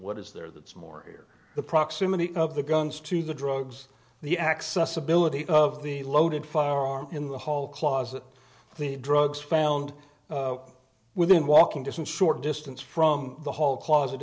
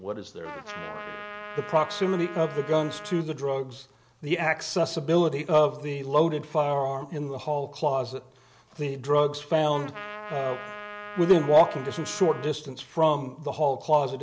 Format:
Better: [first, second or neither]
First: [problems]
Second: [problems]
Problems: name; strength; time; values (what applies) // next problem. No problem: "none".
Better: first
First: none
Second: background sound (Trumpet); 13 dB below the speech